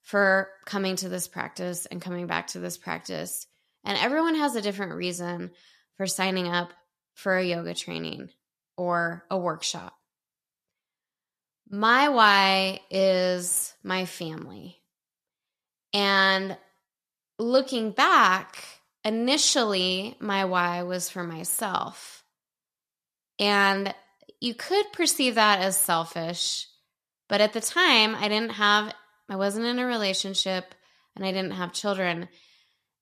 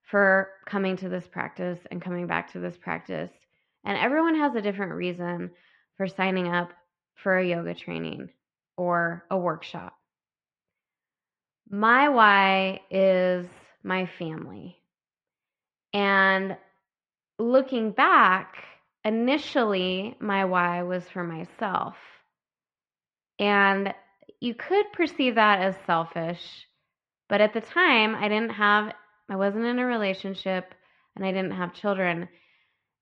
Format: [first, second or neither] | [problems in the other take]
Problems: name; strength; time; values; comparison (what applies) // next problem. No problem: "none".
first | muffled; very; fading above 2.5 kHz